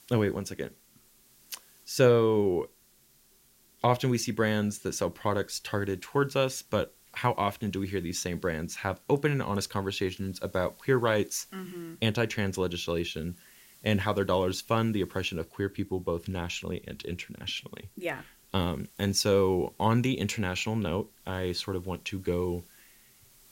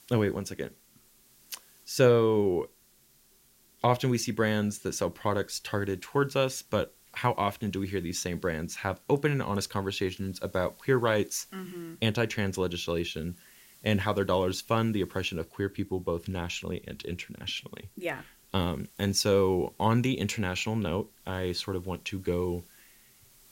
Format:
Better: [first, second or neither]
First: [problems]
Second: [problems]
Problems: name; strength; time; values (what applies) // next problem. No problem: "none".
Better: neither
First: hiss; faint; throughout; 25 dB below the speech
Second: hiss; faint; throughout; 25 dB below the speech